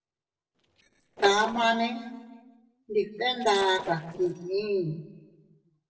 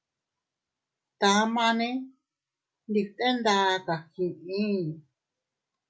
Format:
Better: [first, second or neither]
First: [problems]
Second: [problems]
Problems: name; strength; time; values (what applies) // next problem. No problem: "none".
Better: second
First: noise reduction (neural separator model SepFormer DNS4)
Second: none